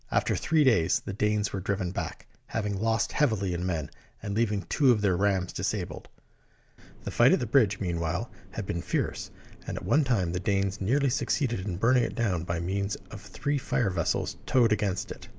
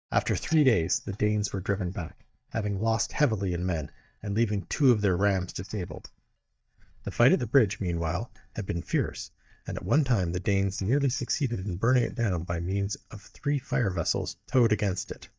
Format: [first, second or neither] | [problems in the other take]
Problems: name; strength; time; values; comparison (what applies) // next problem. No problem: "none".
first | noise reduction (neural mask model DeepFilterNet 3)